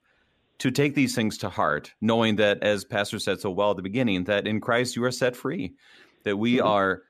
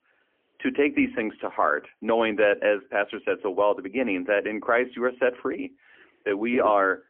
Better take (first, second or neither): first